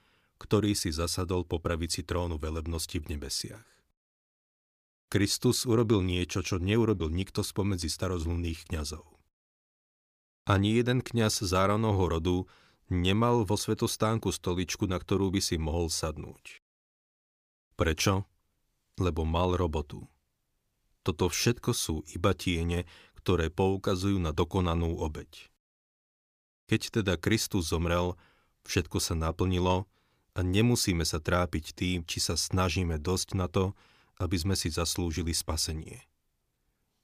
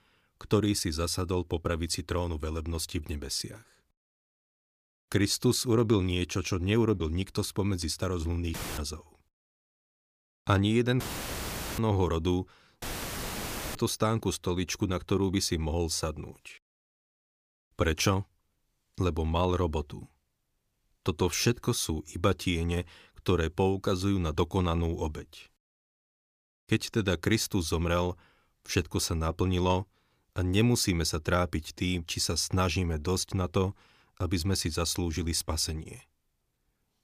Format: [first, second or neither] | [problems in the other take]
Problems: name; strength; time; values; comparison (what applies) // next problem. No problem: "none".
first | audio cutting out; filled with static; at 8.5 s, at 11 s for 1 s and at 13 s for 1 s